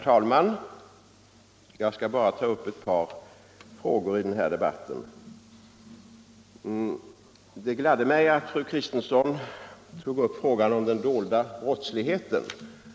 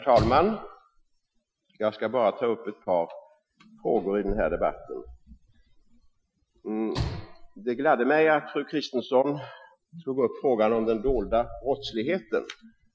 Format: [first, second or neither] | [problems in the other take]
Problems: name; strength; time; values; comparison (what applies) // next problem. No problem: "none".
first | noise reduction (classical method Wiener filter)